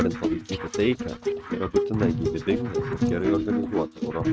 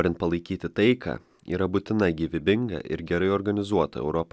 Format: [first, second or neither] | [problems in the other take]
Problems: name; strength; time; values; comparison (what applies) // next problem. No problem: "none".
second | noise reduction (neural mask model RNNoise)